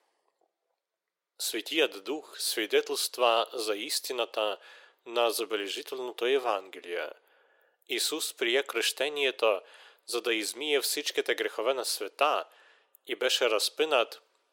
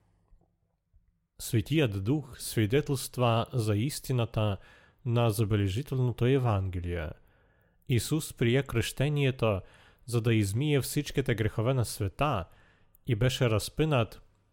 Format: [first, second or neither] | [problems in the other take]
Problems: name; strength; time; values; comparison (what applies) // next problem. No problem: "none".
second | thin; very; fading below 400 Hz